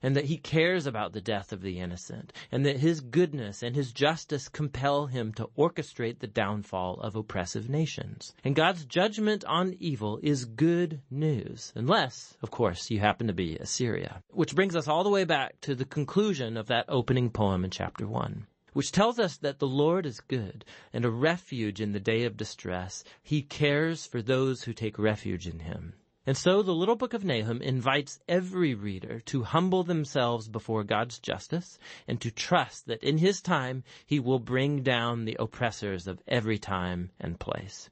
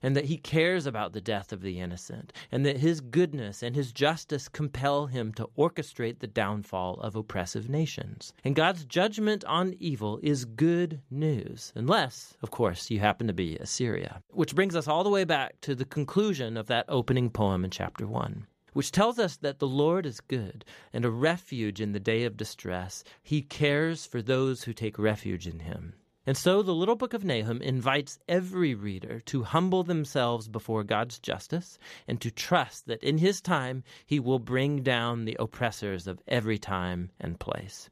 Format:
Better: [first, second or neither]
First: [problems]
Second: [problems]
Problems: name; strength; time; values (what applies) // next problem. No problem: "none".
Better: second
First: garbled, watery; slightly; nothing above 8 kHz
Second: none